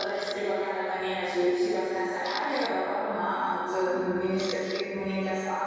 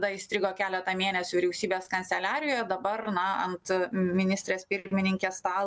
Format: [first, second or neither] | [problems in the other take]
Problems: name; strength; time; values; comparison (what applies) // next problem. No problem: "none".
second | background sound (Camera); 17 dB below the speech // room echo; dies away in 2.2 s